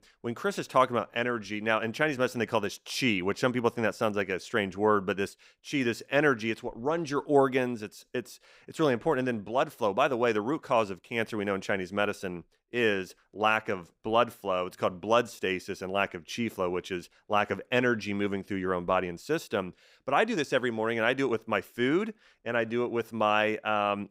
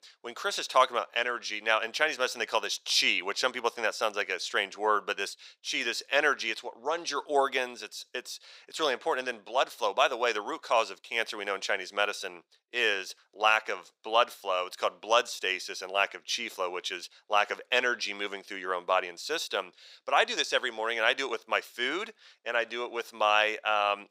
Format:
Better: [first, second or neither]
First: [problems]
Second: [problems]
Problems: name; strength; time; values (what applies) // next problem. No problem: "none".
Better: first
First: none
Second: thin; very; fading below 650 Hz